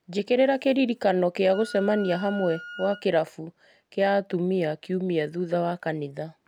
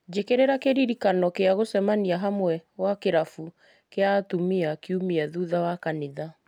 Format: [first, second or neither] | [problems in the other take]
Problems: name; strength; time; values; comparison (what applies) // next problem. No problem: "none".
second | background sound (Wind instrument, woodwind instrument); 17 dB below the speech